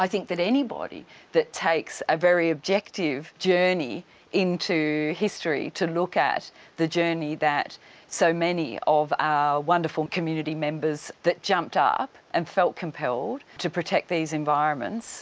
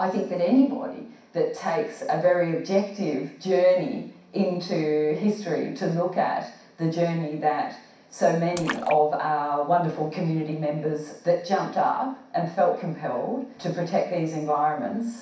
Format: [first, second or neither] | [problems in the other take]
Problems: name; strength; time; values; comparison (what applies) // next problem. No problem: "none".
first | background sound (Splash, splatter); 13 dB below the speech // room echo; dies away in 0.6 s